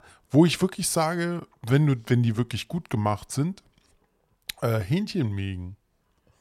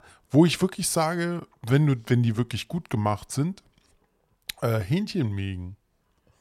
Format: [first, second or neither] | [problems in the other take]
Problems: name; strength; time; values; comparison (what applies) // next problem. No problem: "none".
neither | none